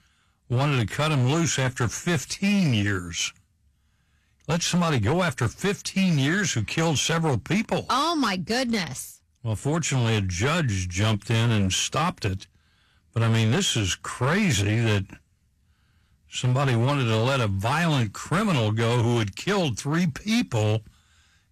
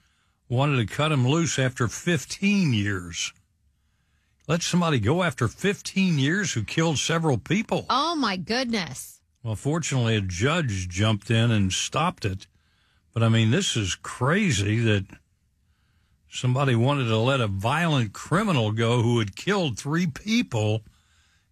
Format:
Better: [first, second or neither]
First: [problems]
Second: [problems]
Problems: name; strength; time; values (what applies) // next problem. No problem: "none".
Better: second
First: distortion; slight; 11% of the sound clipped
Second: none